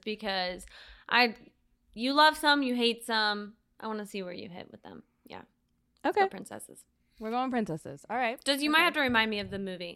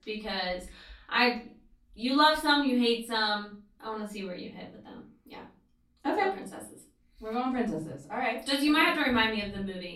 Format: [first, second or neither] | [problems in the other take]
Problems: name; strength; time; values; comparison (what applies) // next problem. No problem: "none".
first | room echo; slight; dies away in 0.3 s // off-mic speech; far